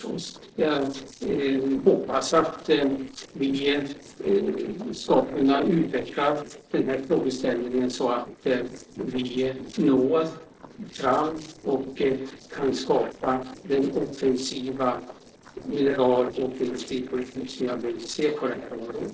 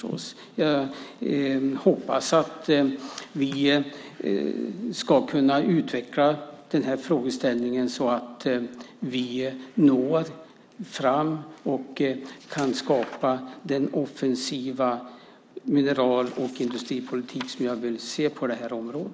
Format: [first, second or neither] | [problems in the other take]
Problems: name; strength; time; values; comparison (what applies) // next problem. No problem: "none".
second | noise reduction (neural separator model SepFormer DNS4)